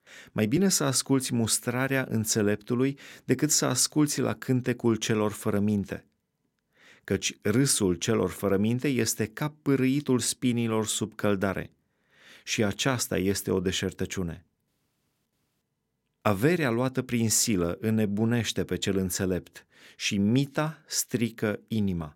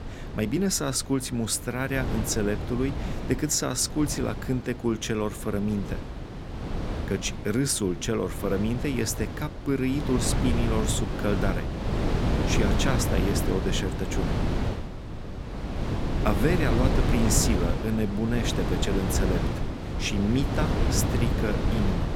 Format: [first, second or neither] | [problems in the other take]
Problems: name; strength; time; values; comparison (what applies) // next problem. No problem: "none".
first | wind noise on the microphone; heavy; 4 dB below the speech